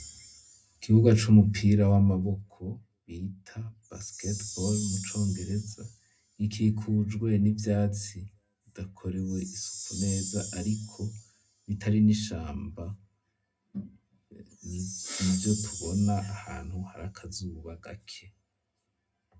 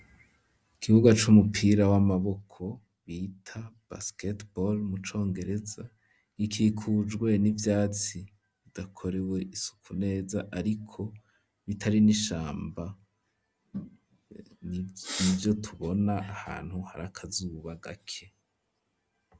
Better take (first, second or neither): second